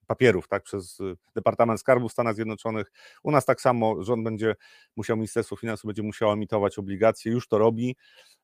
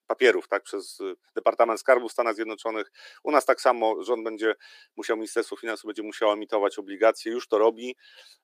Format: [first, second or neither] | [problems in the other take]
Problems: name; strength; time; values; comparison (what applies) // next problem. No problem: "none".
first | thin; somewhat; fading below 300 Hz